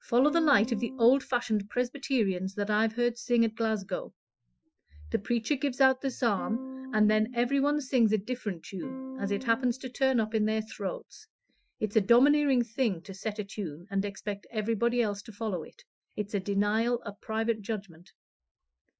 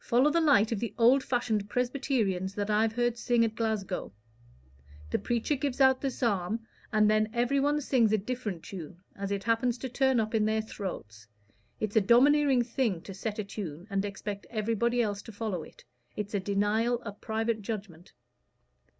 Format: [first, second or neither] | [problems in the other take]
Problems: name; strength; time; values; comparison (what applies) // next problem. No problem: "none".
second | noise reduction (classical method Wiener filter)